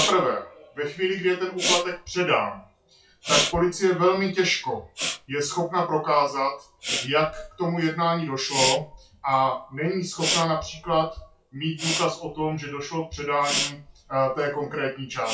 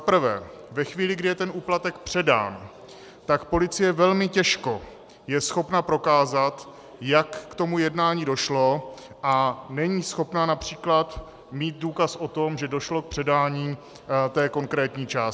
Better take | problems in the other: second | noise reduction (classical method WPE with log-MMSE)

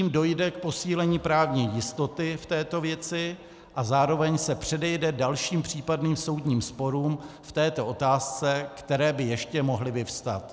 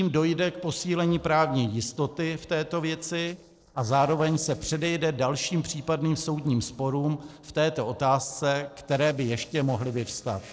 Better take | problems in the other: first | noise reduction (neural separator model SepFormer DNS4)

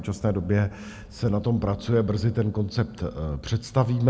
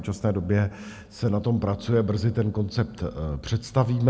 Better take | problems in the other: second | background sound (Wind); 20 dB below the speech

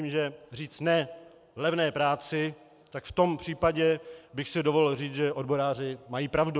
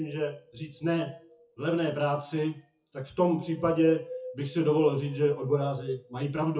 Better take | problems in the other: first | noise reduction (classical method WPE with log-MMSE)

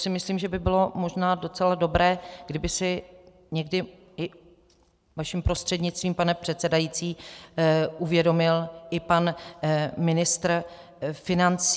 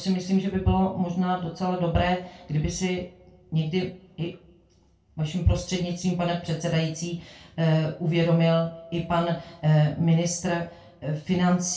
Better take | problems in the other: first | room echo; dies away in 0.2 s

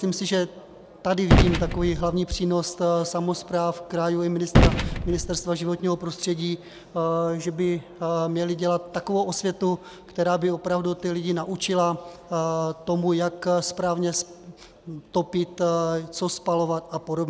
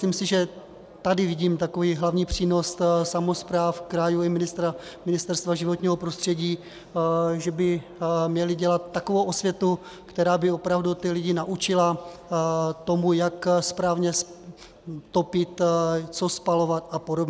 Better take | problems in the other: second | background sound (Gunshot, gunfire); as loud as the speech

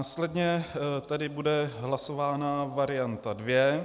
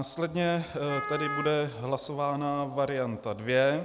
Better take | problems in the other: first | background sound (Wind instrument, woodwind instrument); 7 dB below the speech

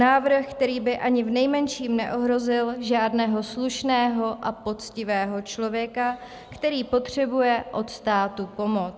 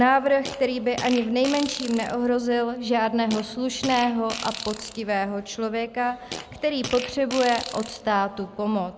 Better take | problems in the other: first | background sound (Fart); 13 dB below the speech

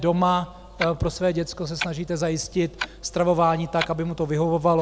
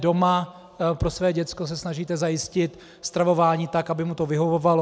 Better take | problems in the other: second | background sound (Clock); 13 dB below the speech

